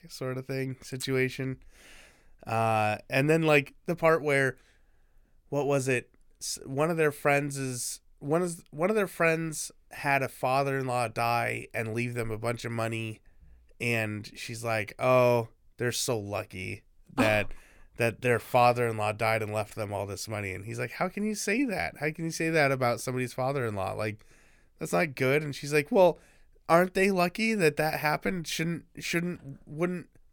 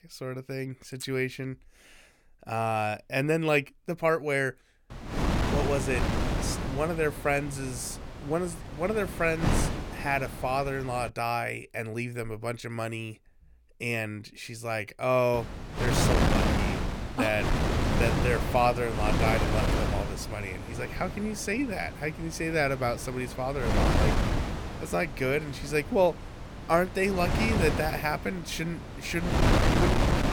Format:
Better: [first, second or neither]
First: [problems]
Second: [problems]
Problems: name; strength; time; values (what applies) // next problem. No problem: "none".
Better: first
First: none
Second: wind noise on the microphone; heavy; from 5 to 11 s and from 15 s on; 2 dB below the speech